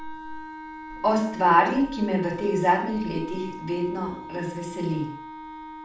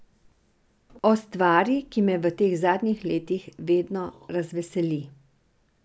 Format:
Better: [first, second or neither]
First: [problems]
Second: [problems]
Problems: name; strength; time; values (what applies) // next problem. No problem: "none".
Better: second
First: background sound (Wind instrument, woodwind instrument); 13 dB below the speech // room echo; dies away in 0.5 s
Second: none